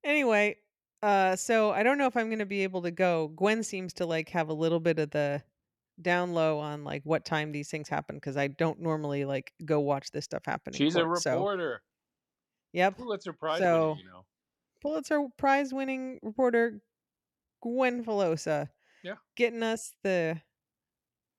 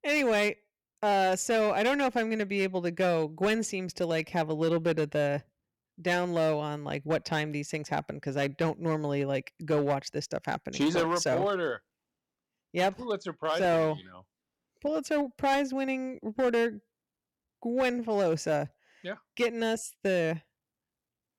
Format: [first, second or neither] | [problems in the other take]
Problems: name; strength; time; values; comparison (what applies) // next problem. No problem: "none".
first | distortion; slight; 6% of the sound clipped